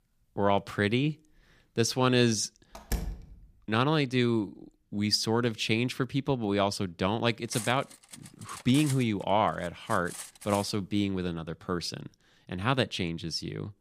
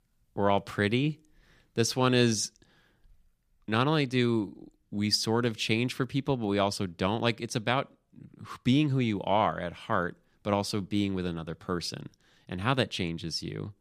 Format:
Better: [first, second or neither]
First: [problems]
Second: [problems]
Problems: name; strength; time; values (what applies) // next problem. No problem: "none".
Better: second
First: door banging; noticeable; at 3 s; peak 7 dB below the speech // clattering dishes; noticeable; from 7.5 to 11 s; peak 9 dB below the speech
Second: none